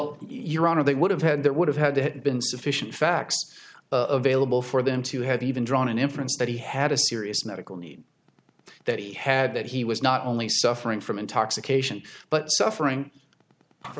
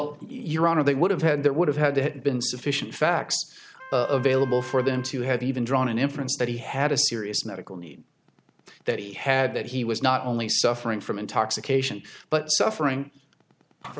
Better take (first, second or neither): first